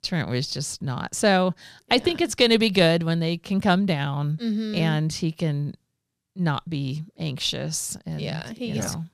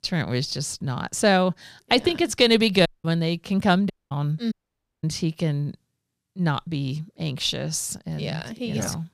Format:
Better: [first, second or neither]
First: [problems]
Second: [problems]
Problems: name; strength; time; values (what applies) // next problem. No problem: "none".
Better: first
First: none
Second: audio cutting out; at 3 s, at 4 s and at 4.5 s for 0.5 s